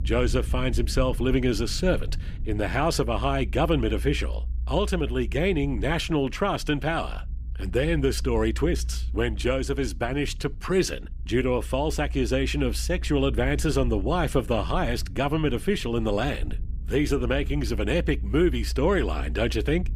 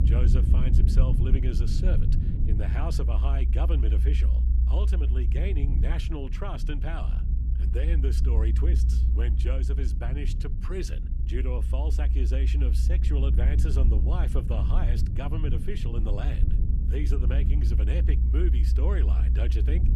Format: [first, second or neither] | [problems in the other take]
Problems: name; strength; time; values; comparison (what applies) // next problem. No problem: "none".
first | low rumble; loud; throughout; 4 dB below the speech; faint in the first